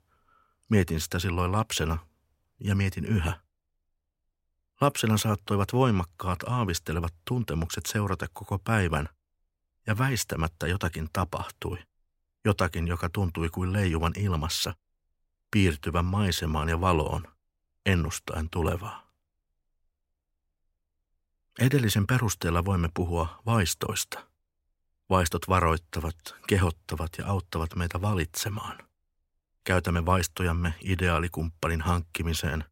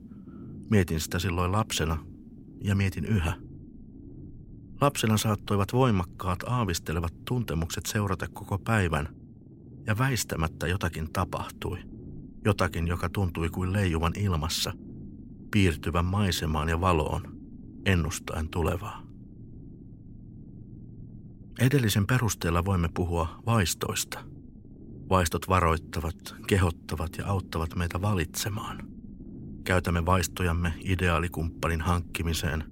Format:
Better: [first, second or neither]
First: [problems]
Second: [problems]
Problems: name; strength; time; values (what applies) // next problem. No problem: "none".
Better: first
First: none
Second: low rumble; faint; throughout; 25 dB below the speech